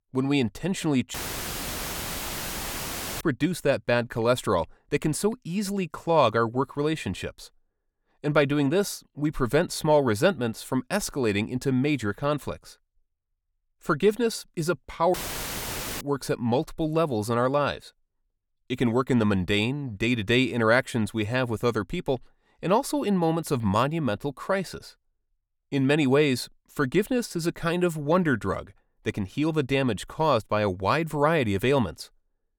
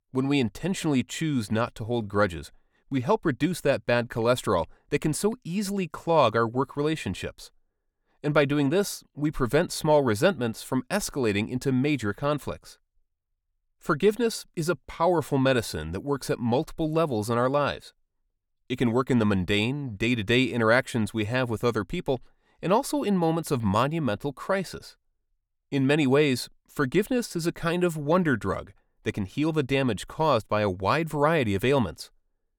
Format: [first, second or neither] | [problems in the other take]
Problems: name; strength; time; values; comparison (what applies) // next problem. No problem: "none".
second | audio cutting out; filled with static; at 1 s for 2 s and at 15 s for 1 s